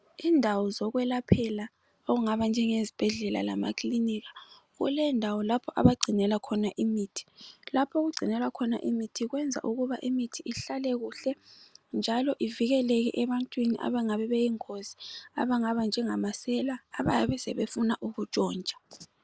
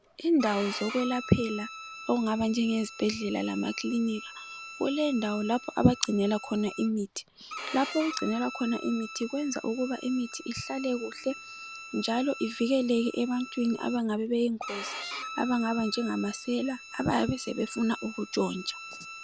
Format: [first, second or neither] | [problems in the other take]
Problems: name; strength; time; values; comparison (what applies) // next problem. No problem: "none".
first | background sound (Bowed string instrument); 13 dB below the speech